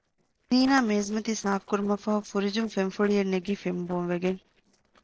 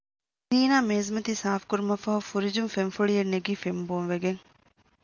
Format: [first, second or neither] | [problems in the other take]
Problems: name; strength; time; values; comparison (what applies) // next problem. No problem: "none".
second | noise reduction (neural separator model SepFormer DNS4)